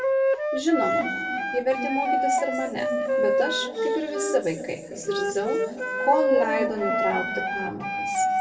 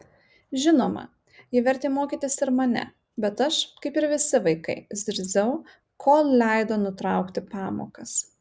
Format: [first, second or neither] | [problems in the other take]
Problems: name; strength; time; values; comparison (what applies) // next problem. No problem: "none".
second | background sound (Wind instrument, woodwind instrument); 2 dB above the speech // room echo; dies away in 2.1 s